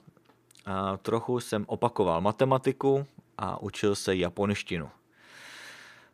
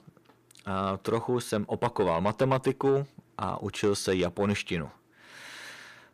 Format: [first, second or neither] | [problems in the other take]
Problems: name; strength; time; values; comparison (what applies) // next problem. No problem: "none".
first | distortion; slight; 10 dB below the speech